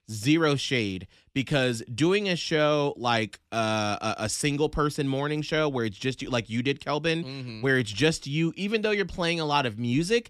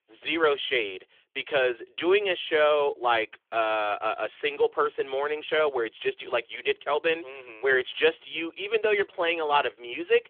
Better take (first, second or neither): first